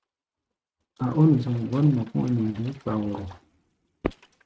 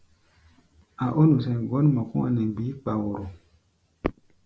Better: second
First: noise reduction (neural mask model RNNoise)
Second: none

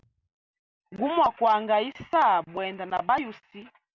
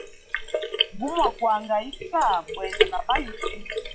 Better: first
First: none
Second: noise reduction (classical method log-MMSE)

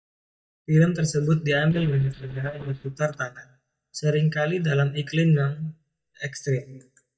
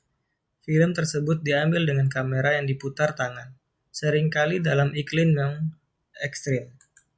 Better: second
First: noise reduction (neural mask model DeepFilterNet 3)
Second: none

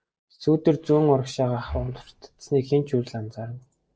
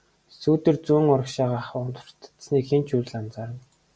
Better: second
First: noise reduction (neural mask model DeepFilterNet 3)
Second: none

